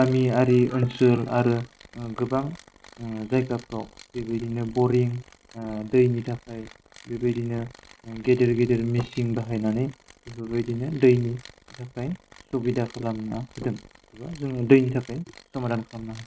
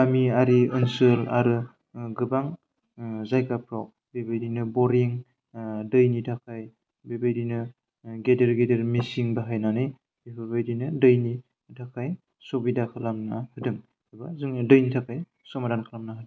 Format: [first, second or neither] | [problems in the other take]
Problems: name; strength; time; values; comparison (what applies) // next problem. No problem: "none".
second | noise reduction (neural mask model RNNoise)